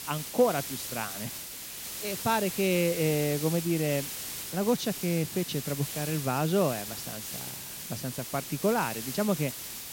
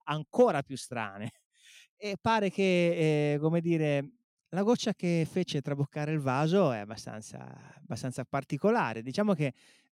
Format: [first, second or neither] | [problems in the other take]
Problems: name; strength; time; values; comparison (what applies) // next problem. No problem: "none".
second | hiss; loud; throughout; 6 dB below the speech